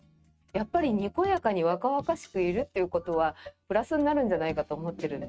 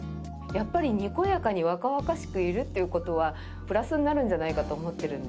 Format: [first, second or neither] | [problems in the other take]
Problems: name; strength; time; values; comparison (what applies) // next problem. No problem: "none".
second | noise reduction (neural mask model RNNoise)